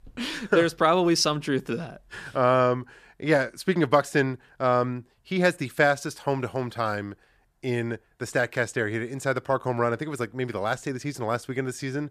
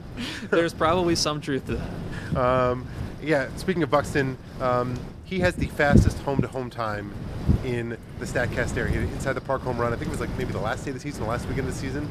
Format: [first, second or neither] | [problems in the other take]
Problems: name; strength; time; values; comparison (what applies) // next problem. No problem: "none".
first | wind noise on the microphone; occasional gusts; 10 dB below the speech